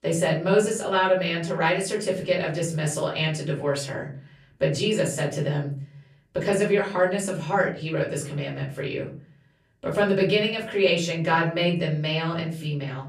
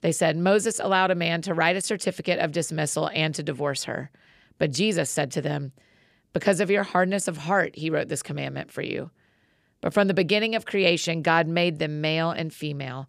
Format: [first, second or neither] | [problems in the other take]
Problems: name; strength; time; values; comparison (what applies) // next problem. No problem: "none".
second | off-mic speech; far // room echo; slight; dies away in 0.4 s